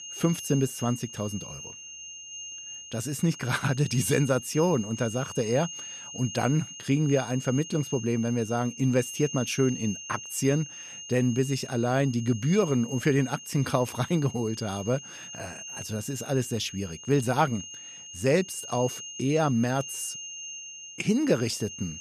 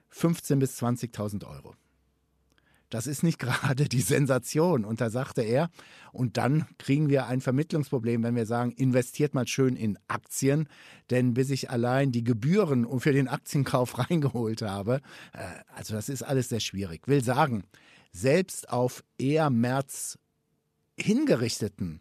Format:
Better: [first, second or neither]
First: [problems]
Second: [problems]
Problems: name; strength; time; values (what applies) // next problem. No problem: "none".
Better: second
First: high-pitched whine; noticeable; throughout; 6.5 kHz, 10 dB below the speech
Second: none